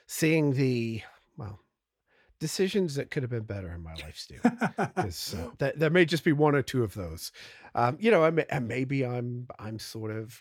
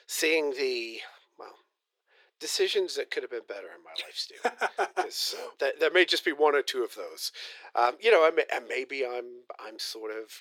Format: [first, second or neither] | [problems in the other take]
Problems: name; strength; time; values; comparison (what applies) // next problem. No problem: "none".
first | thin; very; fading below 400 Hz